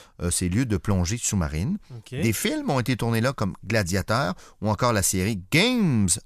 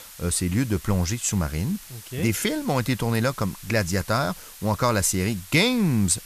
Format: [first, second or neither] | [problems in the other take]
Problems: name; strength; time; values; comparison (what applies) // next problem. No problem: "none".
first | hiss; noticeable; throughout; 15 dB below the speech